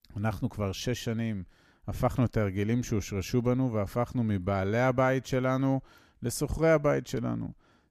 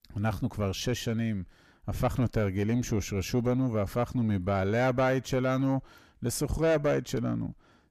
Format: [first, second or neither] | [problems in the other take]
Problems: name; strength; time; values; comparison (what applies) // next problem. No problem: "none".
first | distortion; slight; 10 dB below the speech